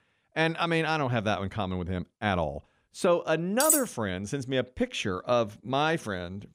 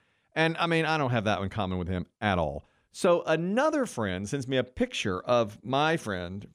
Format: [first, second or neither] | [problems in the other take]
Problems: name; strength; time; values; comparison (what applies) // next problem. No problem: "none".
second | clattering dishes; loud; at 3.5 s; peak 5 dB above the speech